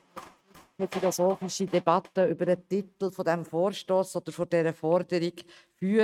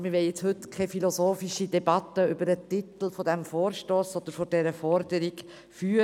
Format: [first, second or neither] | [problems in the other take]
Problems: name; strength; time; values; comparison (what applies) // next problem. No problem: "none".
second | noise reduction (neural mask model RNNoise)